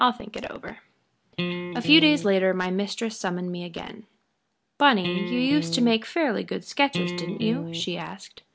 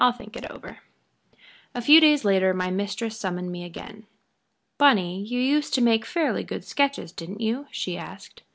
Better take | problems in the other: second | background sound (Electric guitar); 5 dB below the speech

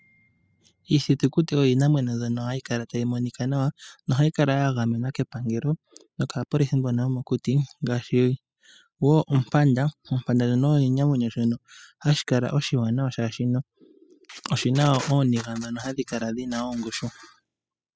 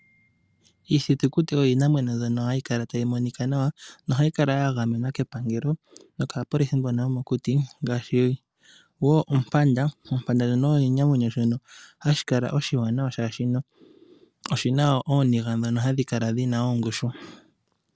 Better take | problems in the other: second | noise reduction (classical method spectral subtraction)

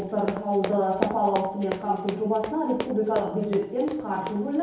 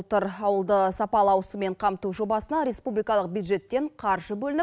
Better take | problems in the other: second | background sound (Run); 10 dB below the speech // room echo; dies away in 2.2 s

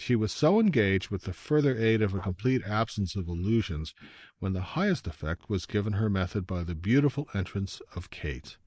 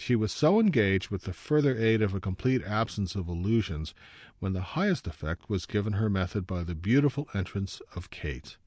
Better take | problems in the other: second | noise reduction (neural mask model Resemble Enhance denoiser)

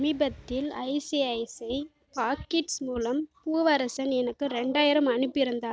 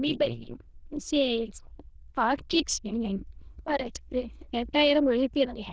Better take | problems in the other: first | noise reduction (neural diffusion model UNIVERSE++)

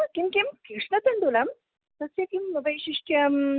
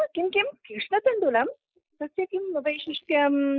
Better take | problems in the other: first | noise reduction (neural mask model Resemble Enhance denoiser)

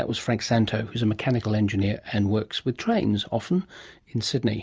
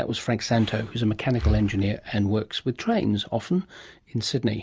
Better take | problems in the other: first | background sound (Breathing); 8 dB below the speech

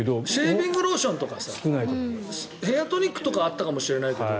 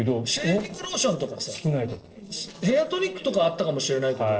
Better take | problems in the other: first | noise reduction (neural separator model SepFormer DNS4)

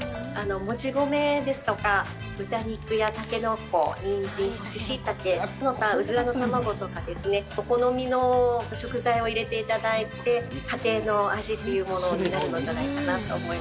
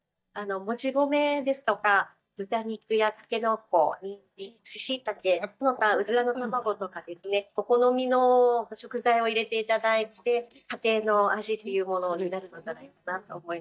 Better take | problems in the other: first | noise reduction (neural mask model DeepFilterNet 3)

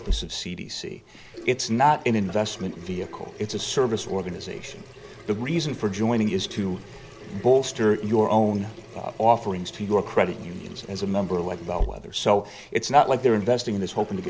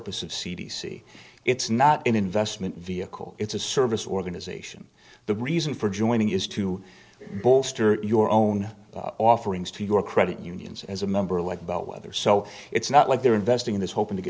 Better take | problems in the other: second | background sound (Sink (filling or washing) / Water tap, faucet); 13 dB below the speech

